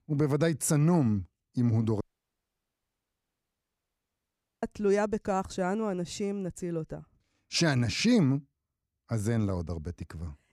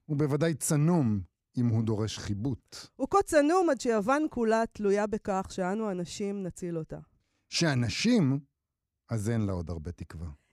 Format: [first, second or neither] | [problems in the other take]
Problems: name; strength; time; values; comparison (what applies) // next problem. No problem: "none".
second | audio cutting out; at 2 s for 2.5 s